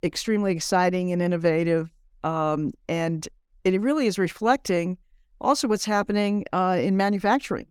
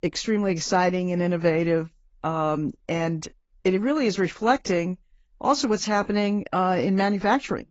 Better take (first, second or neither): first